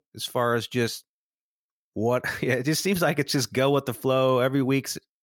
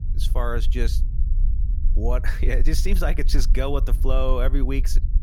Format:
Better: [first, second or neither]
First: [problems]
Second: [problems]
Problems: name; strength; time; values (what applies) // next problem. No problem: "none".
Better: first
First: none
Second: low rumble; noticeable; throughout; 15 dB below the speech